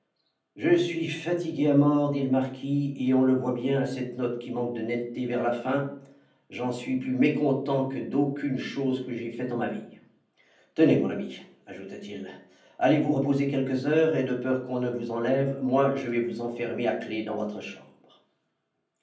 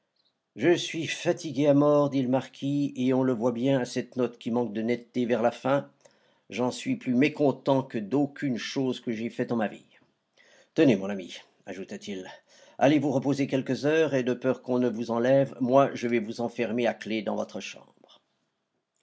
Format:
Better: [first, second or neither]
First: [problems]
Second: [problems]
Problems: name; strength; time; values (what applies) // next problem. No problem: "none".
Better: second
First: room echo; dies away in 0.6 s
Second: none